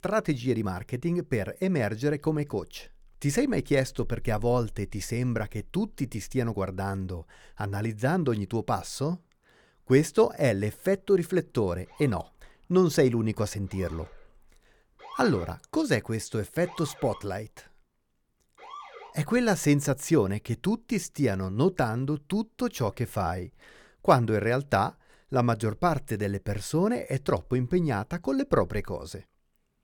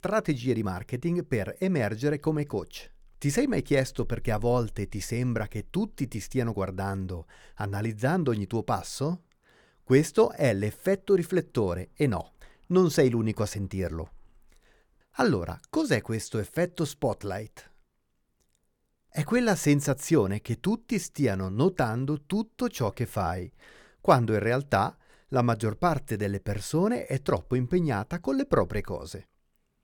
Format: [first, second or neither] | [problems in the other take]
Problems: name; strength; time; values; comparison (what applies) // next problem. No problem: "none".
second | siren; faint; from 12 to 19 s; peak 10 dB below the speech